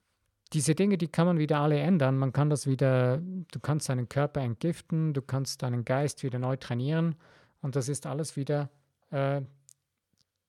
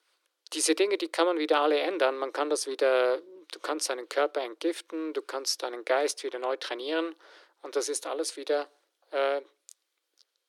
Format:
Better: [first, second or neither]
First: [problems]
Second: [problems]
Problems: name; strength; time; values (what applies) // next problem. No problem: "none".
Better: first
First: none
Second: thin; very; fading below 300 Hz